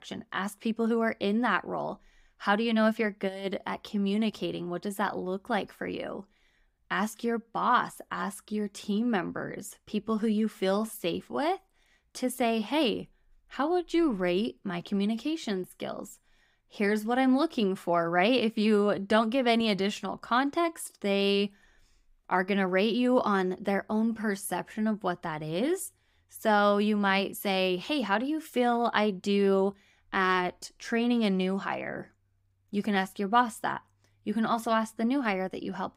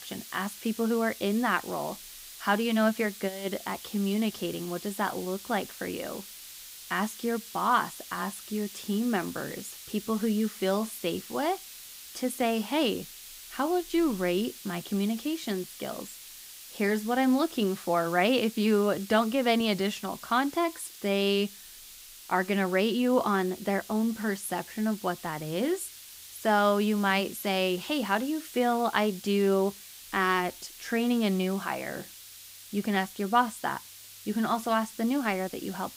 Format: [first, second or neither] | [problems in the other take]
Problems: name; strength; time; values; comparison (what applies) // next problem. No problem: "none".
first | hiss; noticeable; throughout; 15 dB below the speech